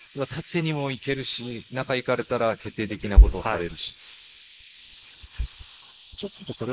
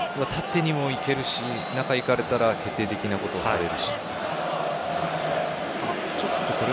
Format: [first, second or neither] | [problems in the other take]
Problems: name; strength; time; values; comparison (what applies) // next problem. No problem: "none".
second | noise reduction (neural mask model Resemble Enhance denoiser)